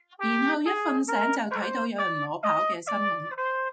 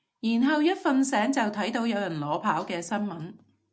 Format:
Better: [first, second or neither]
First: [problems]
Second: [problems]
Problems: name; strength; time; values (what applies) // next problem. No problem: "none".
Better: second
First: noise reduction (classical method Wiener filter)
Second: none